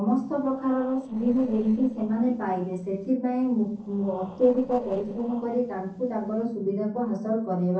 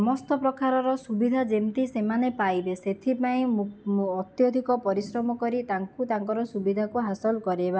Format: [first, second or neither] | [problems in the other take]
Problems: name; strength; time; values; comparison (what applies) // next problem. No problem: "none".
second | noise reduction (neural separator model SepFormer DNS4)